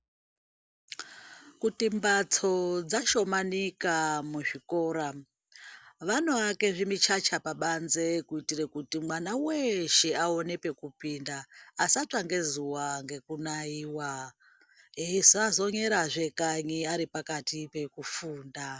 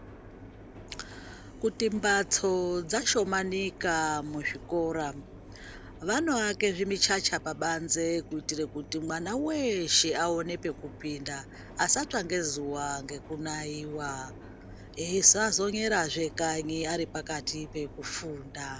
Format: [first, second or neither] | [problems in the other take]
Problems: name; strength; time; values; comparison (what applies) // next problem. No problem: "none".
first | background sound (Subway, metro, underground + Mechanisms); 16 dB below the speech